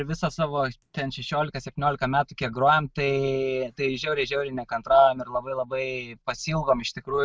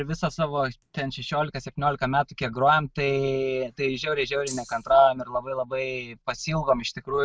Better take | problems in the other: first | background sound (Rattle (instrument)); 14 dB below the speech

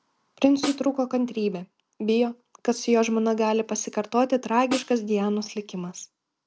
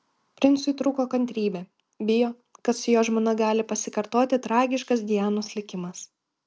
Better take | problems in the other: second | background sound (Snare drum); 11 dB below the speech

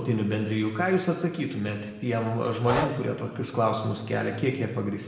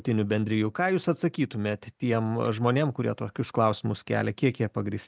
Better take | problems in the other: second | background sound (Breathing); 11 dB below the speech // room echo; dies away in 0.9 s

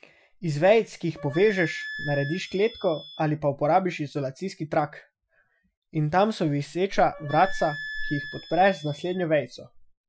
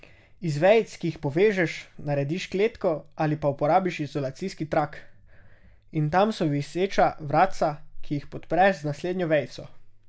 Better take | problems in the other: second | noise reduction (classical method Wiener filter)

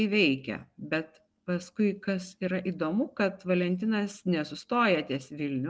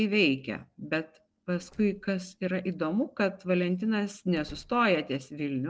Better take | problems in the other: first | noise reduction (neural separator model SepFormer DNS4)

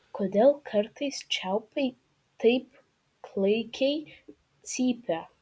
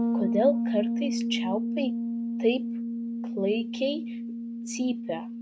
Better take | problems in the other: first | noise reduction (neural mask model RNNoise)

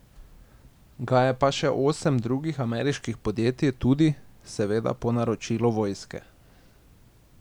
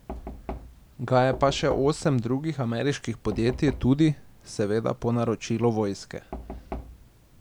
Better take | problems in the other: first | background sound (Knock); 15 dB below the speech

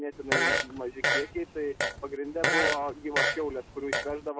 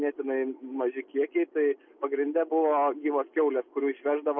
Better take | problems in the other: second | background sound (Fart); 4 dB above the speech

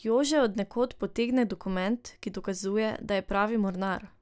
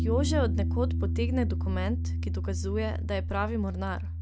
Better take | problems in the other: first | background sound (Piano); 3 dB above the speech

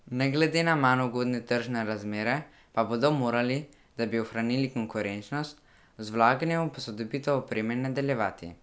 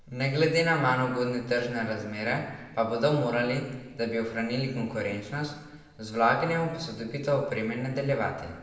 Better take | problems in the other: first | room echo; dies away in 1 s

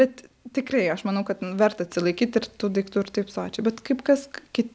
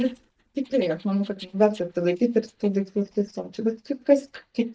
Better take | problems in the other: first | noise reduction (neural mask model DeepFilterNet 3)

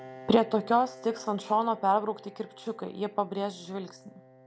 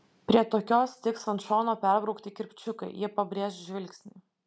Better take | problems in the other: second | background sound (Piano); 20 dB below the speech

